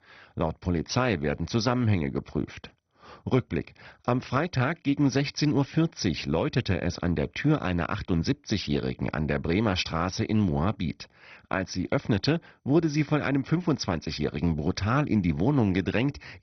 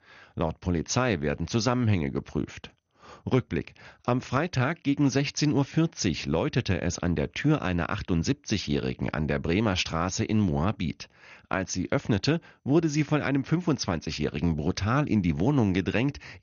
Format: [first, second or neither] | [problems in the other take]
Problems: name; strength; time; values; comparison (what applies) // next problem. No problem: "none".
second | garbled, watery; badly; nothing above 6 kHz; slightly in the second